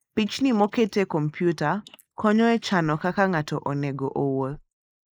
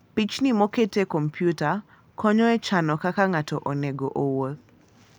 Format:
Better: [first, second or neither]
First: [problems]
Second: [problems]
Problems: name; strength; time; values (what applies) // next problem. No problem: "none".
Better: second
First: noise reduction (neural mask model Resemble Enhance denoiser)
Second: none